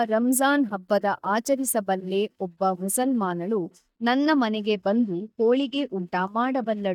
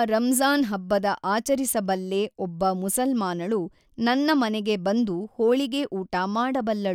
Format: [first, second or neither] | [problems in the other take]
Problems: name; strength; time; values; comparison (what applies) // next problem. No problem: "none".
second | noise reduction (neural mask model DeepFilterNet 3)